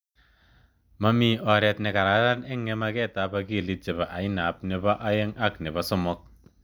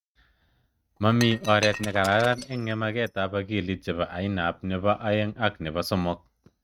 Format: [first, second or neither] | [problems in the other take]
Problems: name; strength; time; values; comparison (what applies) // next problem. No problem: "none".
first | noise reduction (neural mask model RNNoise)